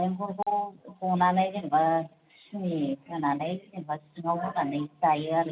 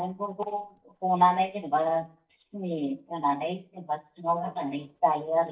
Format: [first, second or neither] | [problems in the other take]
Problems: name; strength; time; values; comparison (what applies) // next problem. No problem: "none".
first | noise reduction (neural mask model DeepFilterNet 3)